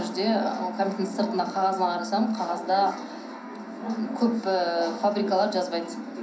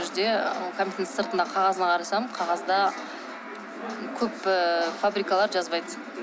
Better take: second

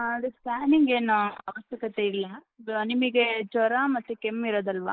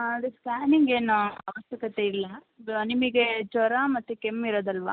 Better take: second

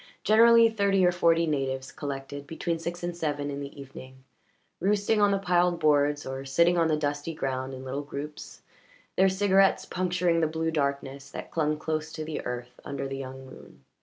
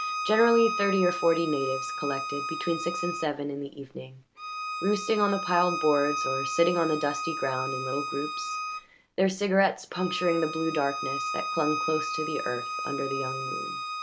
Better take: first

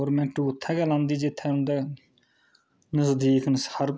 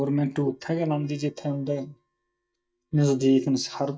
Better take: first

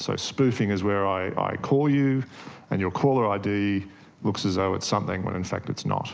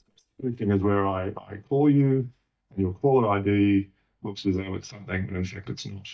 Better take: first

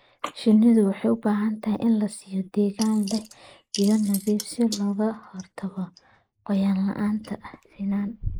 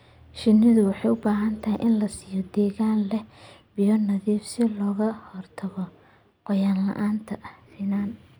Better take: second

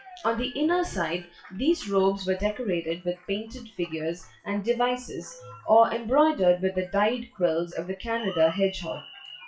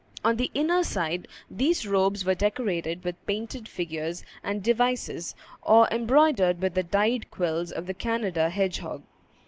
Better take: second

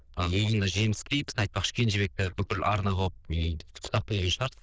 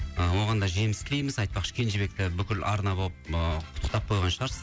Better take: second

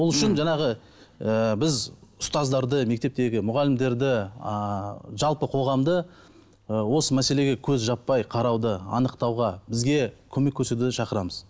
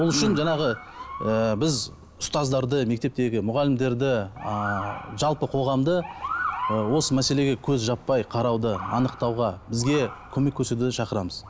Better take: first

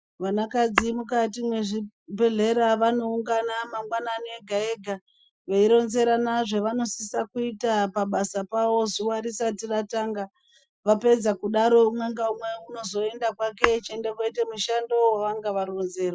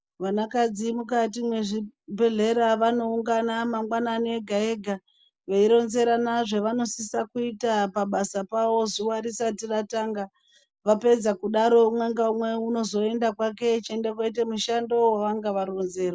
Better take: second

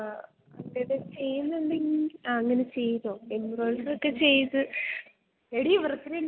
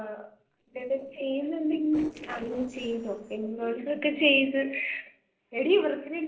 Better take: first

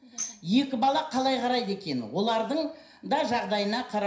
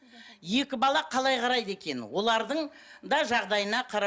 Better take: second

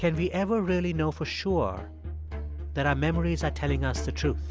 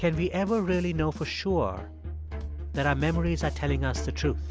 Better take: first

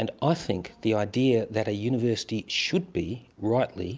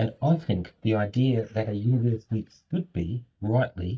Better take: first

